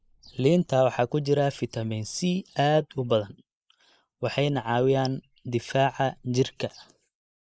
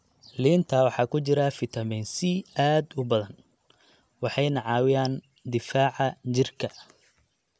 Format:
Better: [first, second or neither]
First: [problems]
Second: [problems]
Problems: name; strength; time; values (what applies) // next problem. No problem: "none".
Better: second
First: noise reduction (neural mask model Resemble Enhance denoiser)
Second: none